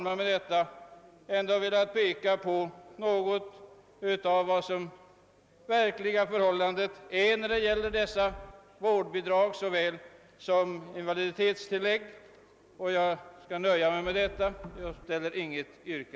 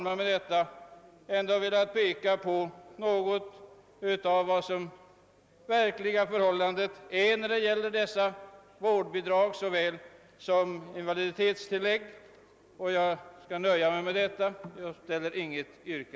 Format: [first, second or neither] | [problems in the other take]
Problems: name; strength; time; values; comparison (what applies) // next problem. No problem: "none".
second | background sound (Wind); 17 dB below the speech